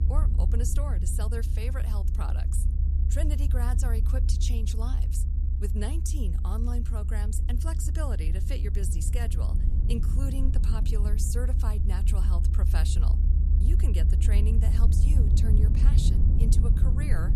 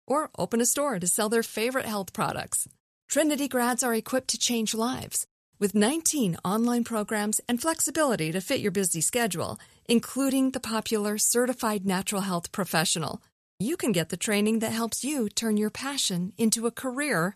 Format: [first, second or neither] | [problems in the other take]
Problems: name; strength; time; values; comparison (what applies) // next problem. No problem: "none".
second | low rumble; loud; throughout; 3 dB below the speech